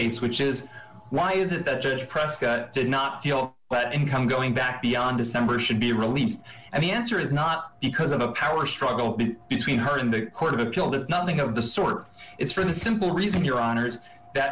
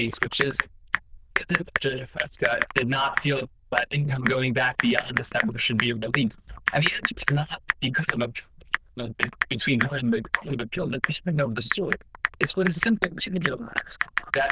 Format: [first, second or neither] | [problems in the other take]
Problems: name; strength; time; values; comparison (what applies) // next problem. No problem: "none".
first | noise reduction (neural diffusion model UNIVERSE++)